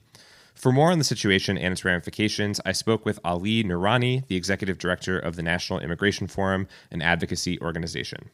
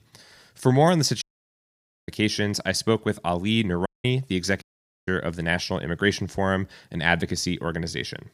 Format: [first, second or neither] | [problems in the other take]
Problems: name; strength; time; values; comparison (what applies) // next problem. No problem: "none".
first | audio cutting out; at 1 s for 1 s, at 4 s and at 4.5 s